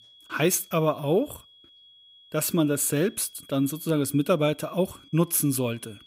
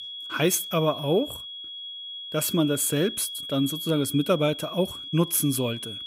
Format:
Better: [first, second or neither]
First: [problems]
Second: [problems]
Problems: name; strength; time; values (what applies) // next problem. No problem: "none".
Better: first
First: high-pitched whine; faint; throughout; 3.5 kHz, 25 dB below the speech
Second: high-pitched whine; loud; throughout; 3.5 kHz, 9 dB below the speech